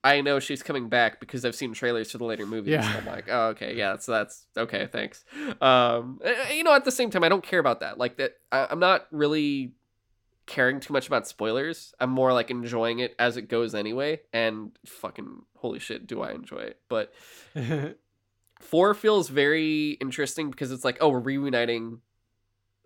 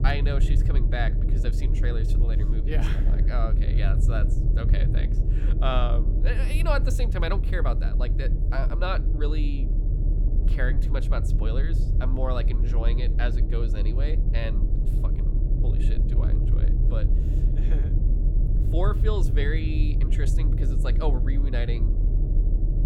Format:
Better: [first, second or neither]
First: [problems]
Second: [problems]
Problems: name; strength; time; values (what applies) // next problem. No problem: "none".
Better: first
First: none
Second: low rumble; loud; throughout; 7 dB below the speech